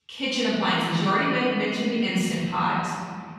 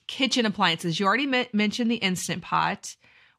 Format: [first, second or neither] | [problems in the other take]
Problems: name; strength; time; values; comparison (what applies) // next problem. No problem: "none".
second | off-mic speech; far // room echo; strong; dies away in 2.2 s